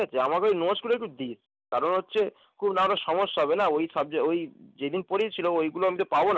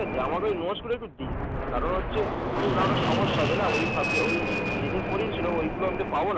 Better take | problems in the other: first | background sound (Fixed-wing aircraft, airplane); 1 dB above the speech

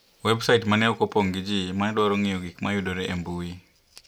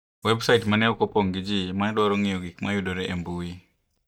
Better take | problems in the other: first | noise reduction (neural mask model DeepFilterNet 3)

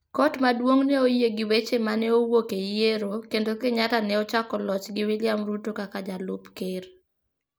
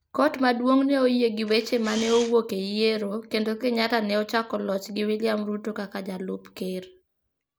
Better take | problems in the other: first | background sound (Camera); 12 dB below the speech

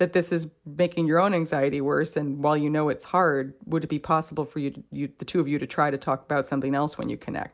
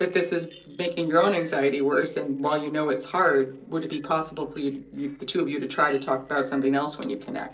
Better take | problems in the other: first | noise reduction (neural separator model SepFormer DNS4)

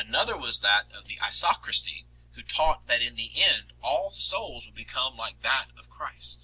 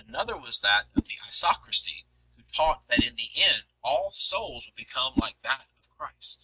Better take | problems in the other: first | noise reduction (neural mask model RNNoise)

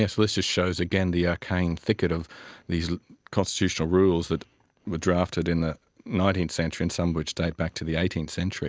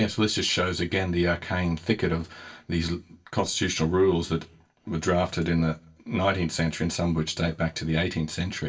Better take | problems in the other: first | room echo; dies away in 0.2 s

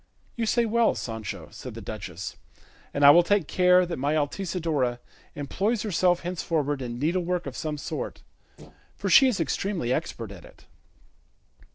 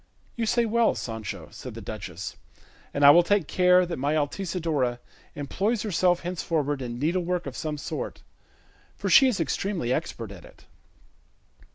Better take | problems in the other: second | noise reduction (neural separator model SepFormer DNS4)

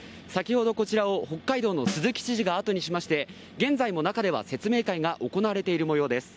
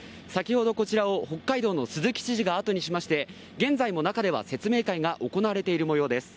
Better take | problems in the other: second | background sound (Snare drum); 12 dB below the speech

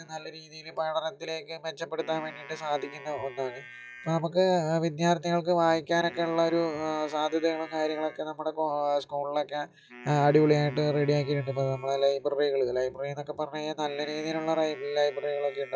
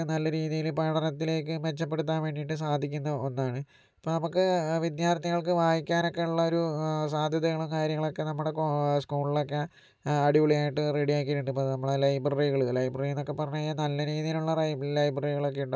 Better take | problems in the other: second | noise reduction (classical method log-MMSE)

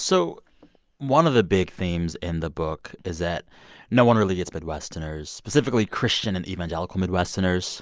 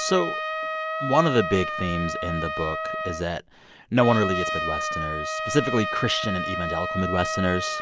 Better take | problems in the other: first | background sound (Trumpet); 3 dB below the speech

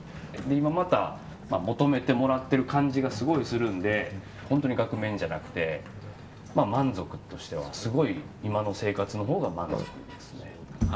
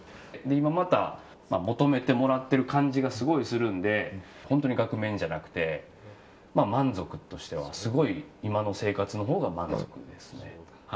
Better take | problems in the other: second | background sound (Sliding door); 12 dB below the speech

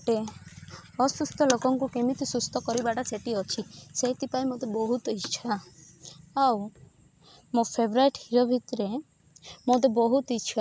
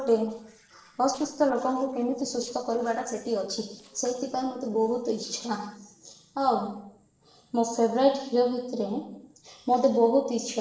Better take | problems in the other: first | noise reduction (neural separator model SepFormer DNS4)

